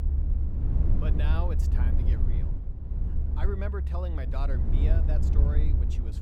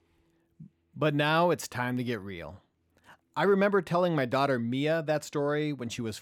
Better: second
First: low rumble; loud; throughout; 3 dB below the speech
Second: none

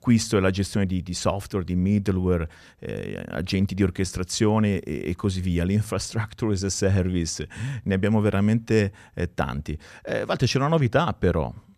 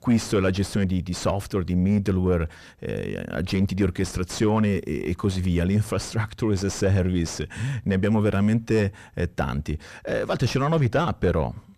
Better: first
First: none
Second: distortion; slight; 10 dB below the speech

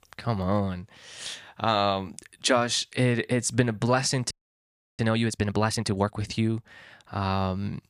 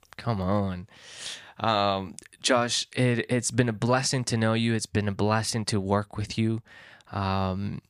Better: second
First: audio freezing; at 4.5 s for 0.5 s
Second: none

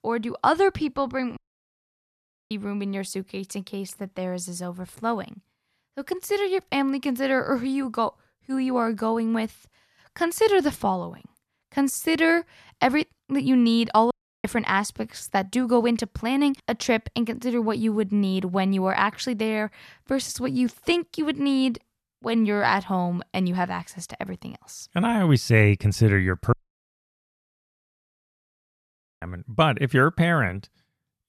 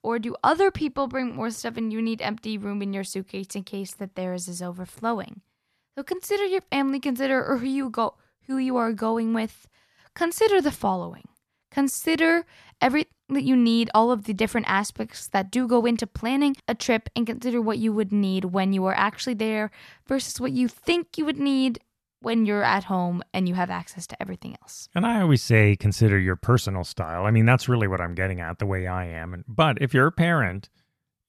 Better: second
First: audio cutting out; at 1.5 s for 1 s, at 14 s and at 27 s for 2.5 s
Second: none

